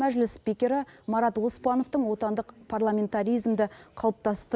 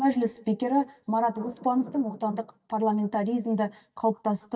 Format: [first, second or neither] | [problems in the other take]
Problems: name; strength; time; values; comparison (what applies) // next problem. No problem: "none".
first | noise reduction (neural mask model DeepFilterNet 3)